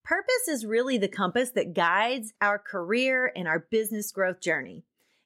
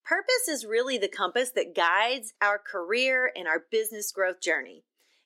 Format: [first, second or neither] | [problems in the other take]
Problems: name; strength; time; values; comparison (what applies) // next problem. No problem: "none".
first | thin; somewhat; fading below 300 Hz